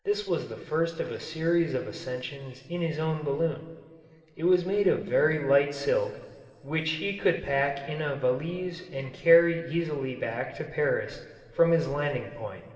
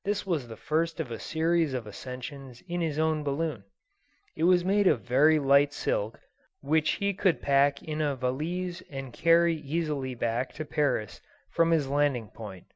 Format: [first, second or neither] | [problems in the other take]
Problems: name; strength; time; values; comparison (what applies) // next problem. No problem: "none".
second | room echo; dies away in 2.9 s